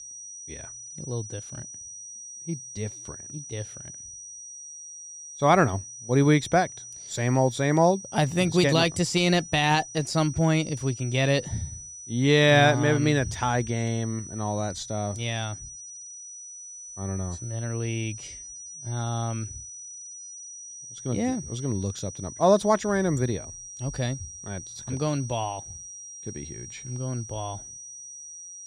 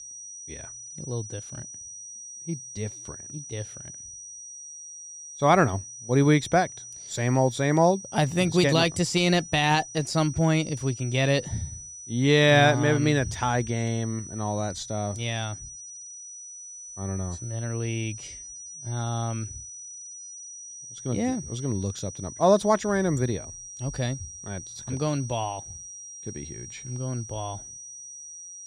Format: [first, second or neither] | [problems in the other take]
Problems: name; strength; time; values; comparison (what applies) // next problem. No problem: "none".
neither | high-pitched whine; noticeable; throughout; 6 kHz, 15 dB below the speech; the same in both